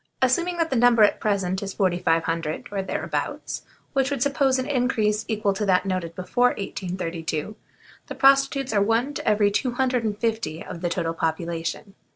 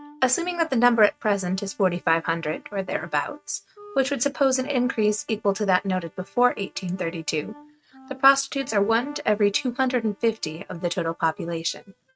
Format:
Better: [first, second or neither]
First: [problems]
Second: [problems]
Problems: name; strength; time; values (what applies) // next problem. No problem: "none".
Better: first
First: none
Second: noise reduction (neural mask model RNNoise)